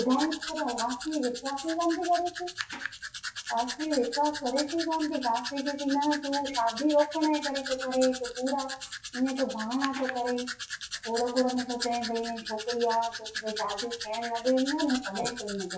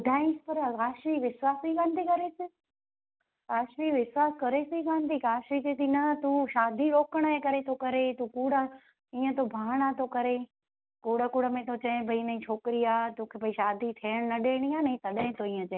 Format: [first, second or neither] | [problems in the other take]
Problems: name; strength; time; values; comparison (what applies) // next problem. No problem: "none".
second | noise reduction (classical method WPE with log-MMSE)